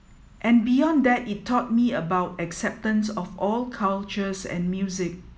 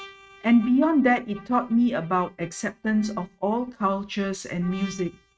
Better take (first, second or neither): first